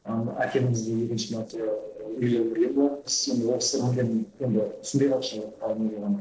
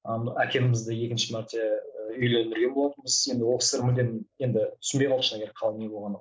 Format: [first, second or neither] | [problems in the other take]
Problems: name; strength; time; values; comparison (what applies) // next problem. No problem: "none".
second | noise reduction (neural separator model SepFormer DNS4)